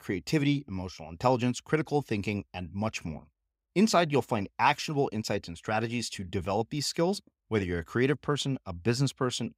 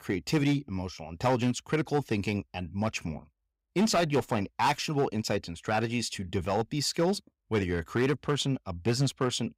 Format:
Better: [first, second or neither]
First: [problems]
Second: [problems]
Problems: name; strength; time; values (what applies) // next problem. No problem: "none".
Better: first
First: none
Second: distortion; slight; 4% of the sound clipped